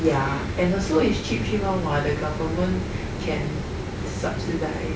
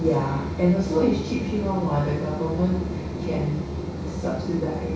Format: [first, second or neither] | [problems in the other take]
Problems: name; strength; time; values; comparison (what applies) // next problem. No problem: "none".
first | background sound (Wind instrument, woodwind instrument); 18 dB below the speech // room echo; dies away in 0.6 s